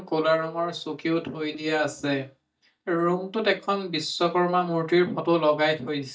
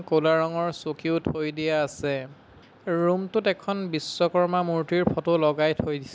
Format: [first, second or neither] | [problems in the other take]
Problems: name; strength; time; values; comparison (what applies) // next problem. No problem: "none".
second | noise reduction (neural mask model DeepFilterNet 3)